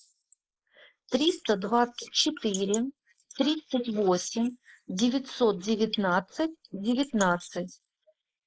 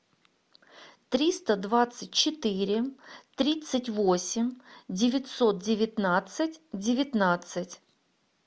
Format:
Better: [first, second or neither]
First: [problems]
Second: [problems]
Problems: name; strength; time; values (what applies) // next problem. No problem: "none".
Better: second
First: noise reduction (neural mask model Resemble Enhance denoiser)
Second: none